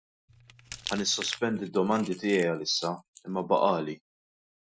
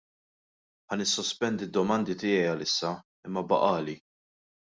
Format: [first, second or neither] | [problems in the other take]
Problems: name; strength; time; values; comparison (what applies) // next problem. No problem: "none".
second | noise reduction (classical method Wiener filter)